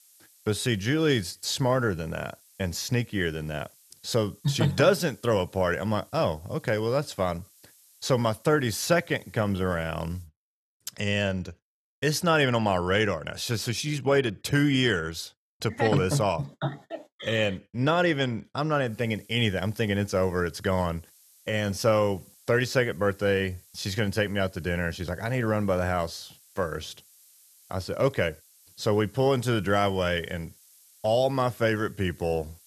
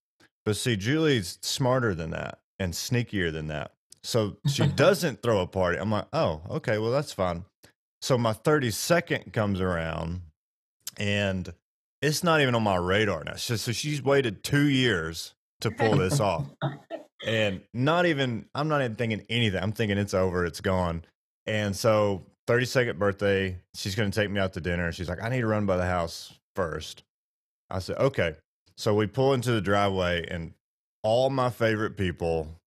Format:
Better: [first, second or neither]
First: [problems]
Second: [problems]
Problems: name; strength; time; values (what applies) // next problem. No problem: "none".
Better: second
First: hiss; faint; until 10 s and from 19 s on; 30 dB below the speech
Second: none